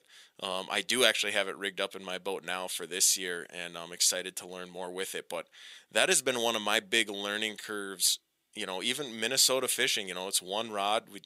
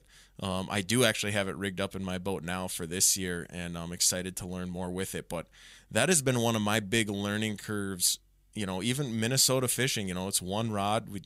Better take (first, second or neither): second